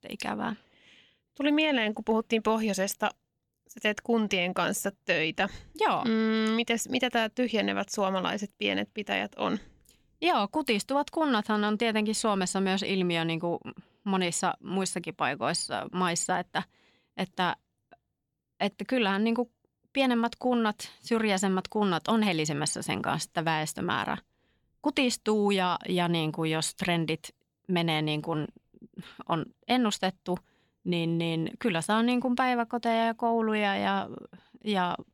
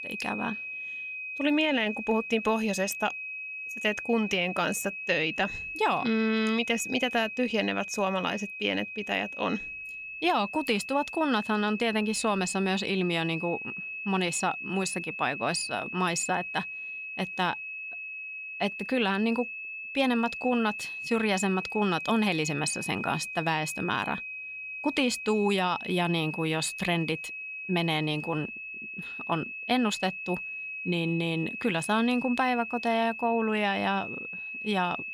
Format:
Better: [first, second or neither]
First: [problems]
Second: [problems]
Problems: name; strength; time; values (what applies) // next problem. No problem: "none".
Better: first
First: none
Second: high-pitched whine; loud; throughout; 2.5 kHz, 7 dB below the speech